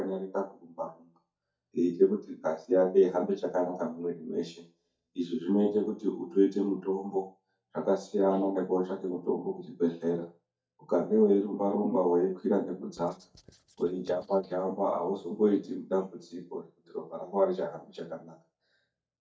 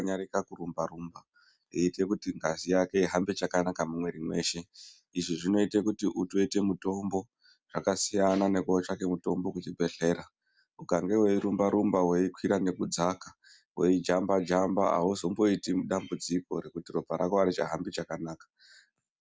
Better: second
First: noise reduction (neural mask model DeepFilterNet 3)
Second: none

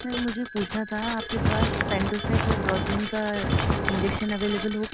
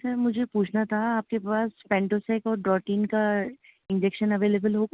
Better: second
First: background sound (Bicycle bell + Walk, footsteps); 2 dB above the speech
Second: none

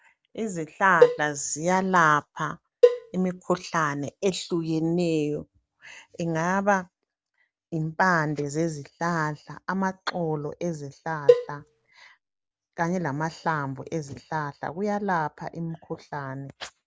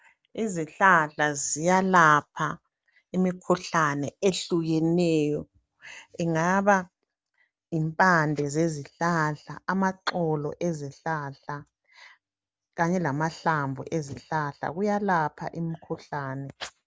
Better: second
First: background sound (Cowbell); 3 dB above the speech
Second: none

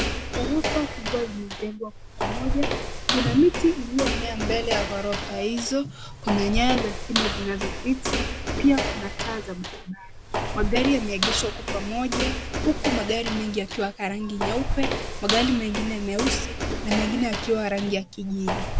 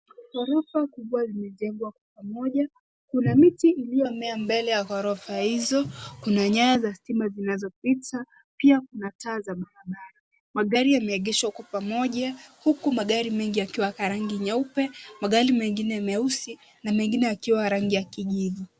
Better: second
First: background sound (Walk, footsteps); 2 dB below the speech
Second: none

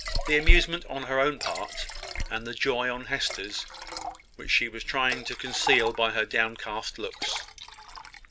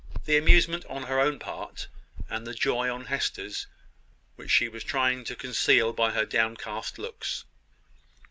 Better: second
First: background sound (Liquid); 12 dB below the speech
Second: none

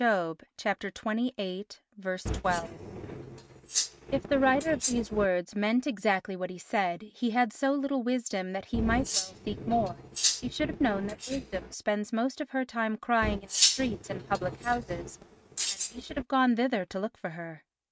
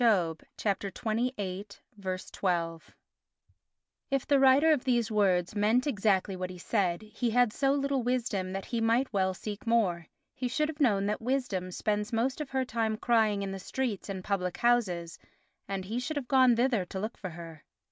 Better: second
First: noise reduction (neural mask model RNNoise)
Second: none

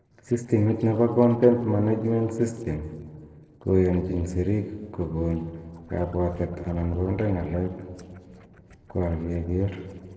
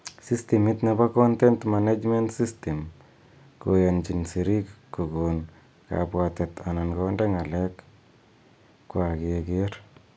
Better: second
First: noise reduction (neural separator model SepFormer DNS4)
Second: none

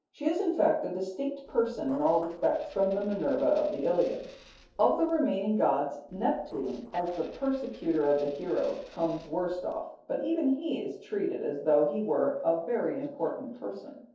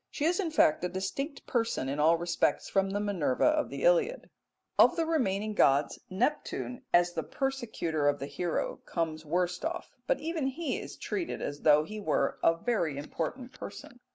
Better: second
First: noise reduction (neural separator model SepFormer DNS4)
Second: none

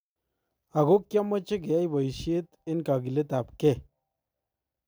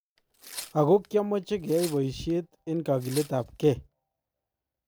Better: first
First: none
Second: background sound (Tearing); 17 dB below the speech

